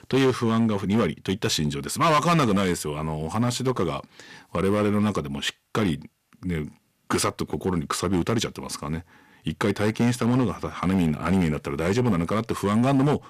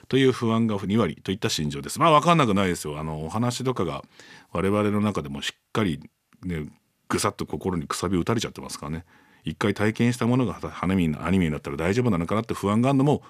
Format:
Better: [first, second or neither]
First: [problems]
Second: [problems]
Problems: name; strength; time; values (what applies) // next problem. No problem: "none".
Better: second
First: distortion; slight; 6% of the sound clipped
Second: none